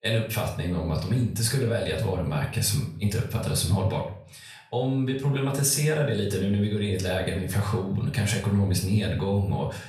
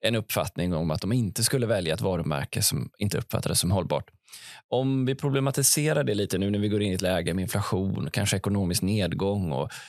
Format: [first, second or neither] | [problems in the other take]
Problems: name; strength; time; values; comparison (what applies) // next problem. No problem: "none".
second | off-mic speech; far // room echo; slight; dies away in 0.4 s